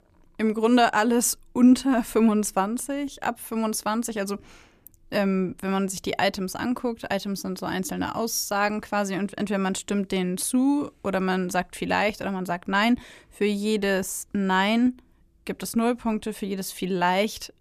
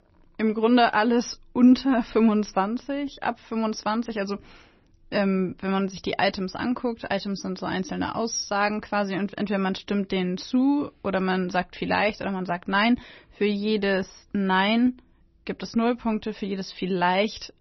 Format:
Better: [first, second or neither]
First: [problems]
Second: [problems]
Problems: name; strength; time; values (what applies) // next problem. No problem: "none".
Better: first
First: none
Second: garbled, watery; slightly; nothing above 6 kHz